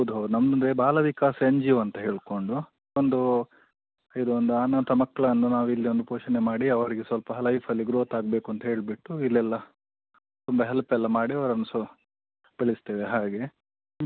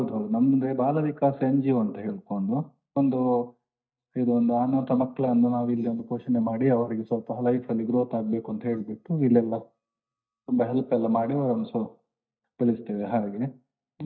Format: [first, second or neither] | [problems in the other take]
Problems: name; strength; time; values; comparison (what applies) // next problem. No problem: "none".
first | noise reduction (neural mask model DeepFilterNet 3)